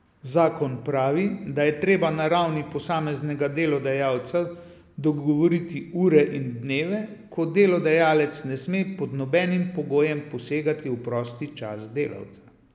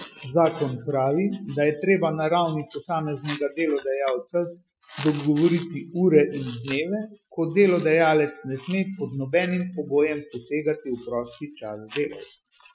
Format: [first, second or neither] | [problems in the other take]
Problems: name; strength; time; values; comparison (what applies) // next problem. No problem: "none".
first | noise reduction (classical method Wiener filter)